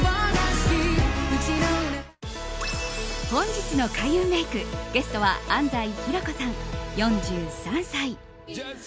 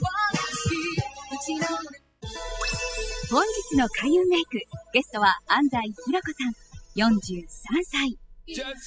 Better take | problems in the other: first | noise reduction (classical method spectral subtraction)

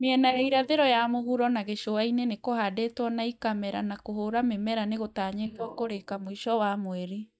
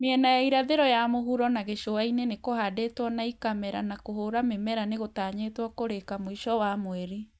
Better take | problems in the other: second | noise reduction (neural mask model DeepFilterNet 3)

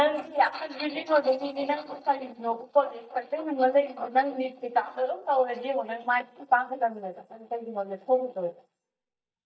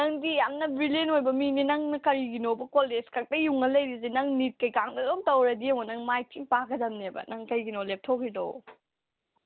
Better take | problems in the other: second | noise reduction (neural mask model DeepFilterNet 3)

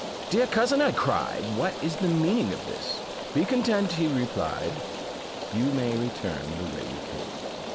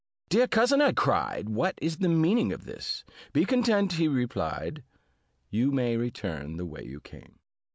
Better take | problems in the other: second | background sound (Rain); 7 dB below the speech

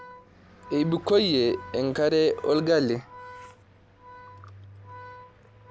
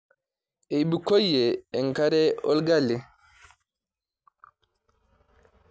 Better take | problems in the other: second | background sound (Car passing by + Organ); 19 dB below the speech

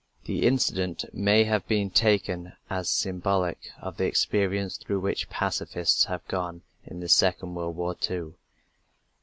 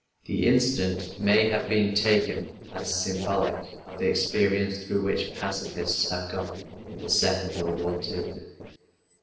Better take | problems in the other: first | noise reduction (neural separator model SepFormer DNS4)

